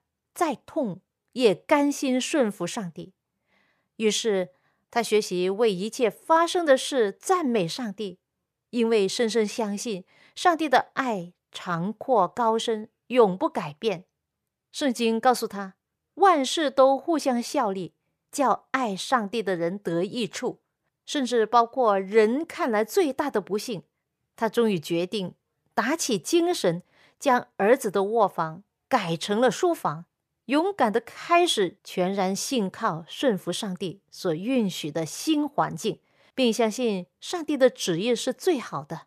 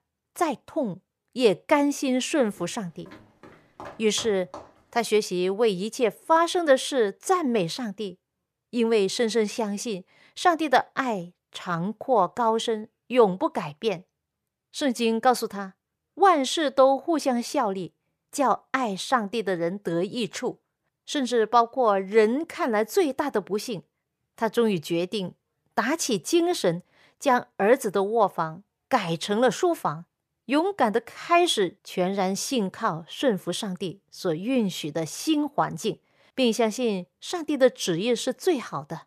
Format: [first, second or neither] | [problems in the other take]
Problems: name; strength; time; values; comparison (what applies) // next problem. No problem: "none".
first | footsteps; faint; from 2.5 to 4.5 s; peak 15 dB below the speech